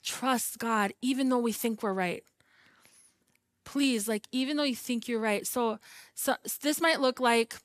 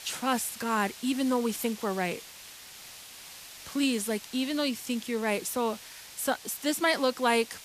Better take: first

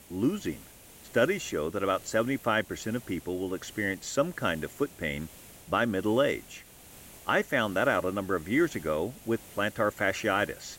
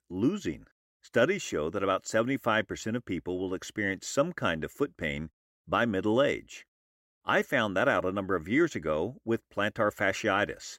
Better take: second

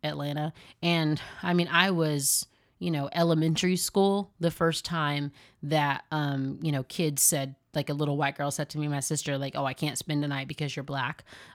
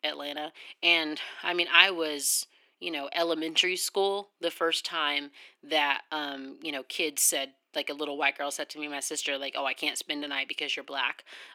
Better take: first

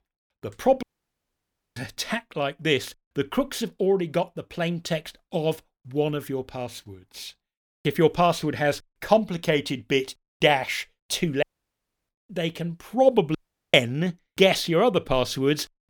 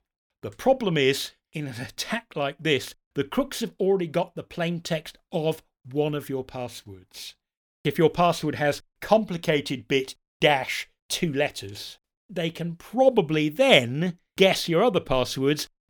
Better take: second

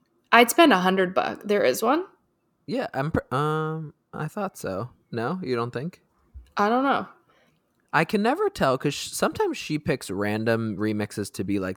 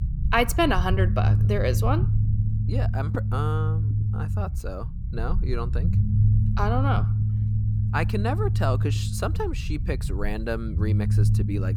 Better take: first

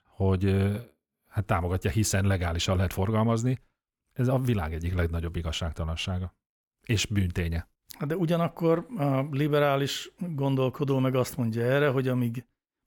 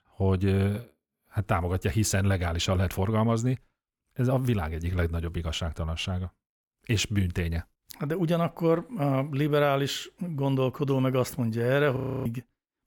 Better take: first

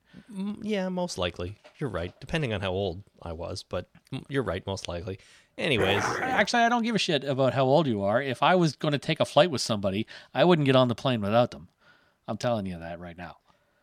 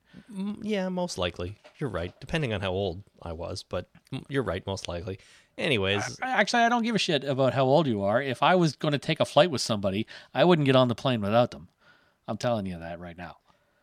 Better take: second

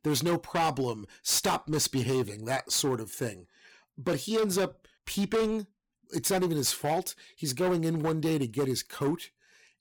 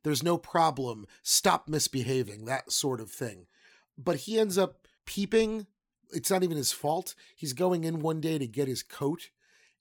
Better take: second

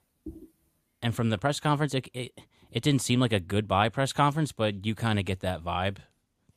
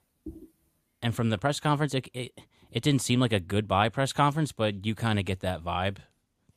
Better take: neither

